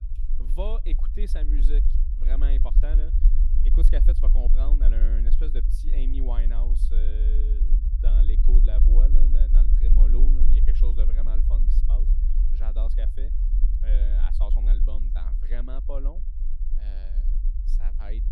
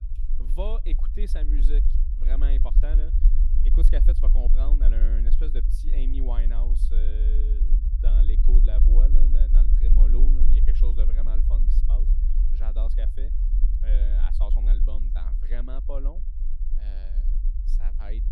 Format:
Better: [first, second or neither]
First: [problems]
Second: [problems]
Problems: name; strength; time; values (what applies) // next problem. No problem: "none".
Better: neither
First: low rumble; loud; throughout; 5 dB below the speech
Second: low rumble; loud; throughout; 5 dB below the speech